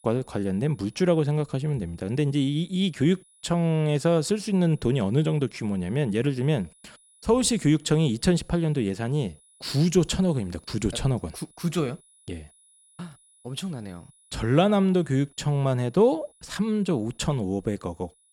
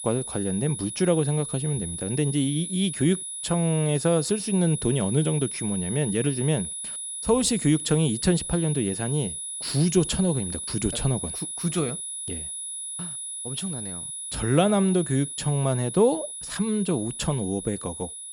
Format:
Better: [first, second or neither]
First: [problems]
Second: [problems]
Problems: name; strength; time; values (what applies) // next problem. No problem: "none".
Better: first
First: high-pitched whine; faint; throughout; 10.5 kHz, 30 dB below the speech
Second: high-pitched whine; loud; throughout; 10.5 kHz, 6 dB below the speech